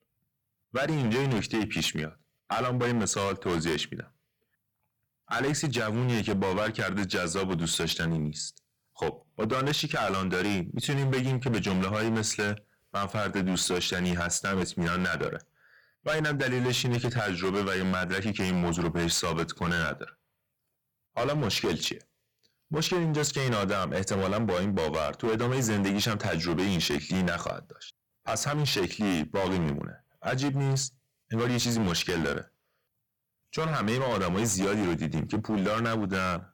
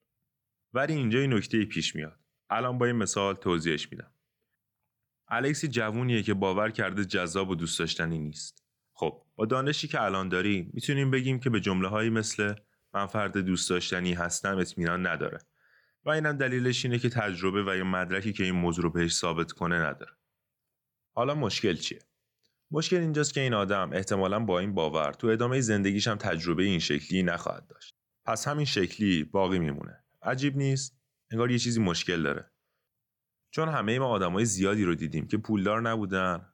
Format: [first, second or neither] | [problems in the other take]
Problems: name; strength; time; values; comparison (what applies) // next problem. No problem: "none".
second | distortion; heavy; 18% of the sound clipped